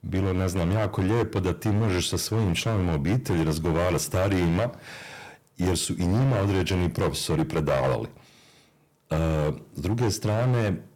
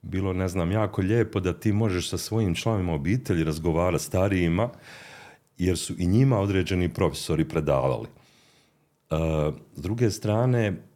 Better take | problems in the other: second | distortion; heavy; 13% of the sound clipped

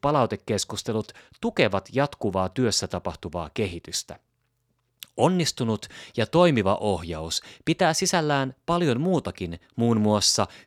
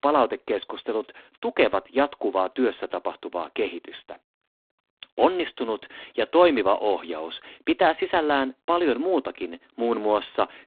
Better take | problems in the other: first | phone-call audio; poor line

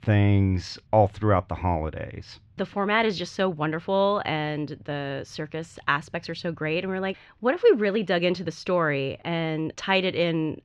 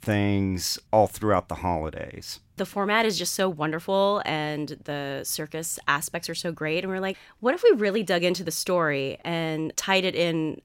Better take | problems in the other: second | muffled; slightly; fading above 4 kHz

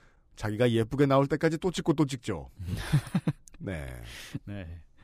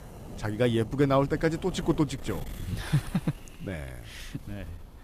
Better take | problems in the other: first | wind noise on the microphone; occasional gusts; 20 dB below the speech

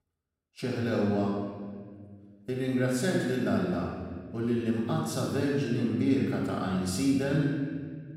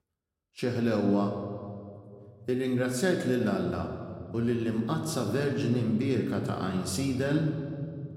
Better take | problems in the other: second | room echo; strong; dies away in 1.5 s; slight in the second // off-mic speech; far

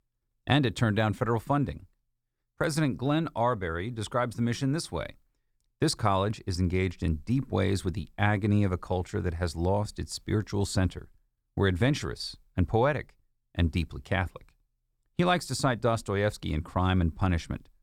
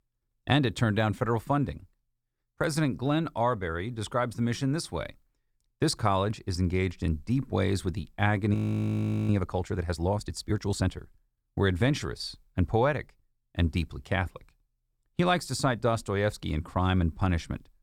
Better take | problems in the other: first | audio freezing; at 8.5 s for 1 s

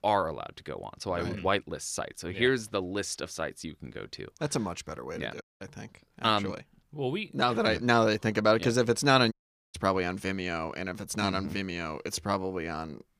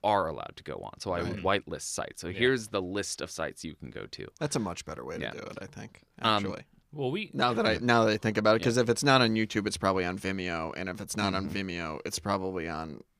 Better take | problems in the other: second | audio cutting out; at 5.5 s and at 9.5 s

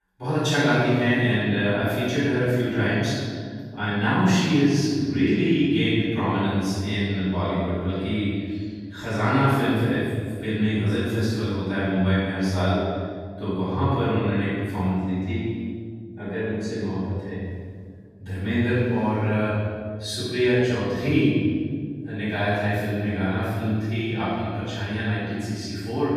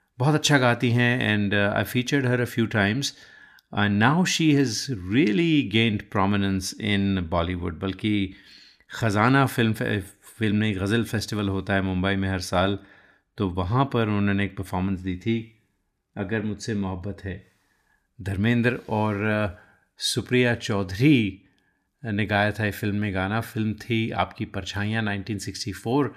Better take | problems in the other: second | off-mic speech; far // room echo; strong; dies away in 1.9 s

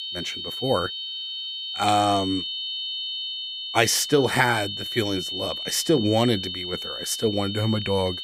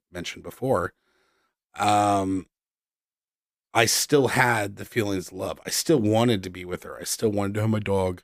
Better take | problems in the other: second | high-pitched whine; loud; throughout; 3 kHz, 5 dB below the speech

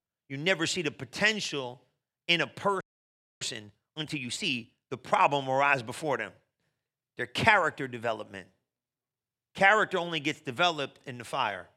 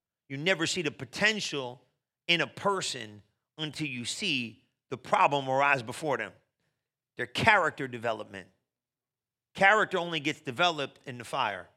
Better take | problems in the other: second | audio freezing; at 3 s for 0.5 s

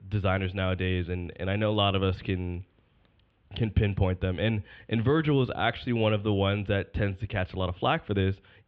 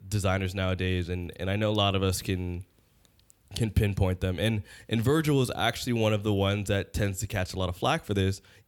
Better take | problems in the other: second | muffled; very; fading above 3 kHz

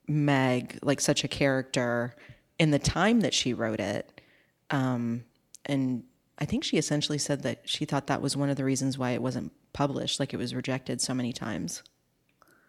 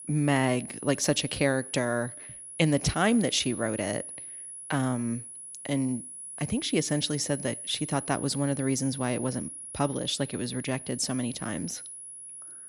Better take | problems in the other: first | high-pitched whine; loud; throughout; 10.5 kHz, 10 dB below the speech

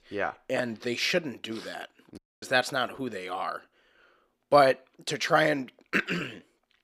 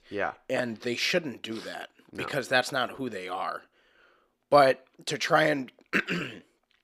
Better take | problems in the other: second | audio cutting out; at 2 s

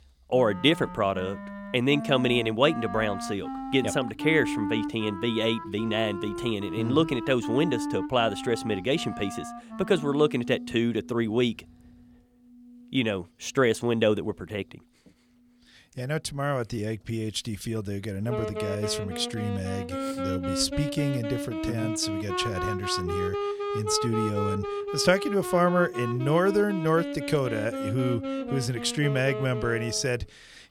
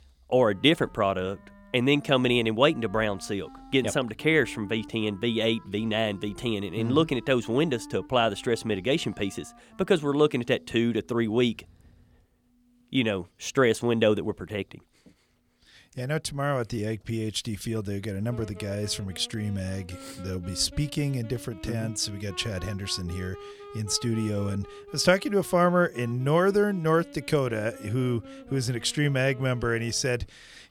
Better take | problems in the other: second | background music; loud; throughout; 6 dB below the speech; faint in the second

